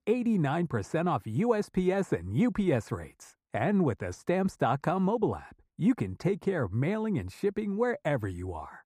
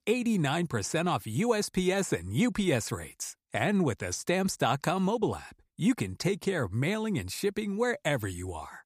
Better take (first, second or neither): second